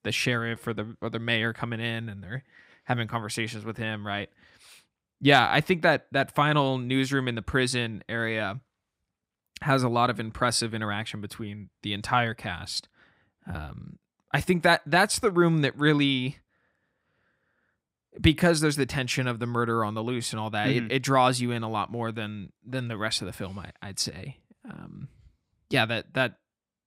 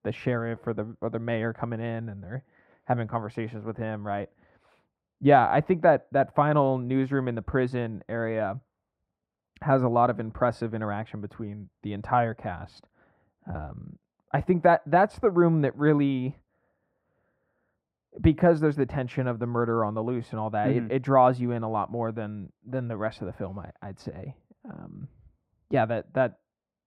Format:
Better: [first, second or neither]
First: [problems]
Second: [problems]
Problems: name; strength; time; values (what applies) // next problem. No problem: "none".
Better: first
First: none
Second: muffled; very; fading above 2.5 kHz